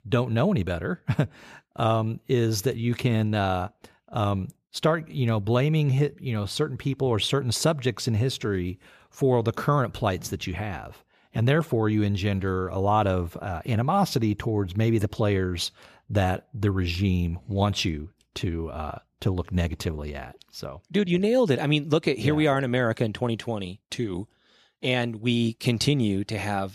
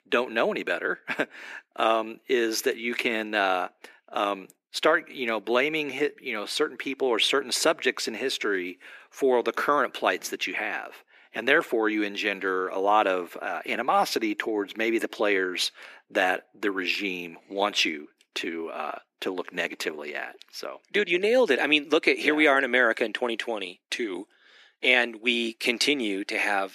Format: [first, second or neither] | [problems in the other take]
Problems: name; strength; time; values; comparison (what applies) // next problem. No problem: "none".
first | thin; somewhat; fading below 300 Hz